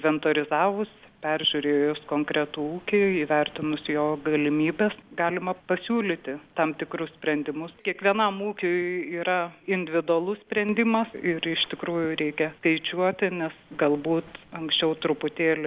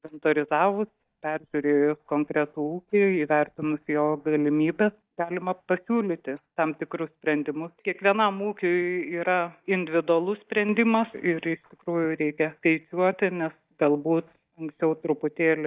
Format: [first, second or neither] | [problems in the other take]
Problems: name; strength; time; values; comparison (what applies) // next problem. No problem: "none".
first | noise reduction (neural mask model DeepFilterNet 3)